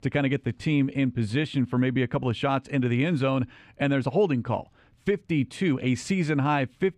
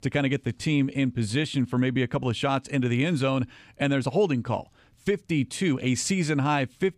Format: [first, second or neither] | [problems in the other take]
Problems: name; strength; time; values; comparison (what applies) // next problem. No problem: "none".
second | muffled; slightly; fading above 4 kHz